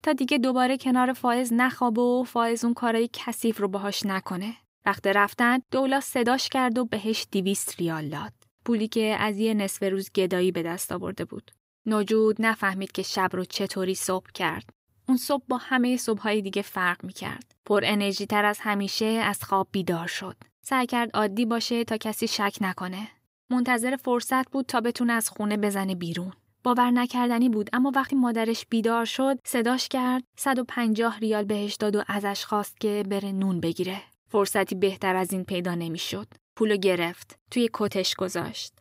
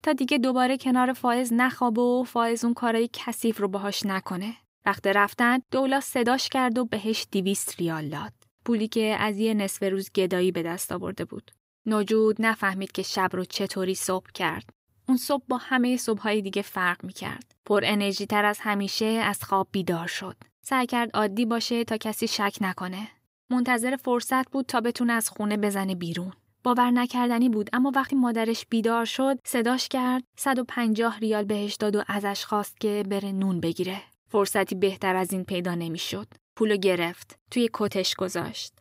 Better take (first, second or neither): neither